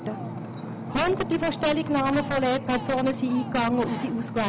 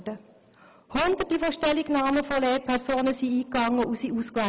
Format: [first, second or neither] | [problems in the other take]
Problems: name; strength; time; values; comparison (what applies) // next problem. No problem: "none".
second | background sound (Ocean); 8 dB below the speech